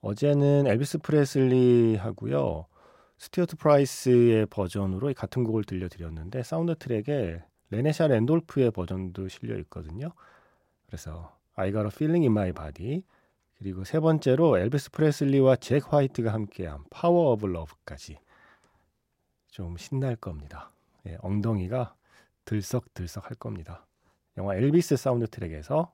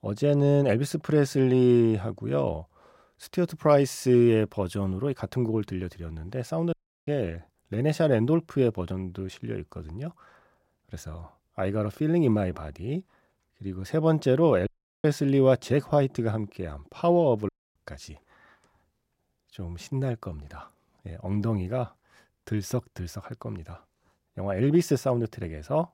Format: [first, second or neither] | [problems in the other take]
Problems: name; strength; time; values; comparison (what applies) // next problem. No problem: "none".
first | audio cutting out; at 6.5 s, at 15 s and at 17 s